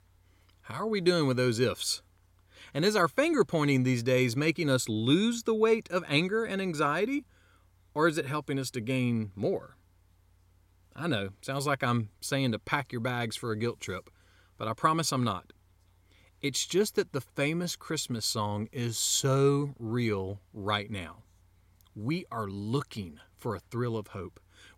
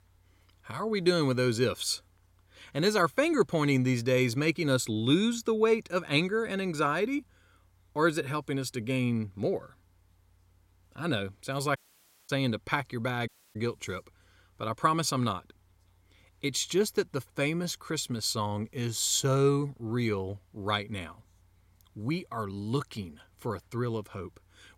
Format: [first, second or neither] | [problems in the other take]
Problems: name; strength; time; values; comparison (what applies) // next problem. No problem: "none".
first | audio cutting out; at 12 s for 0.5 s and at 13 s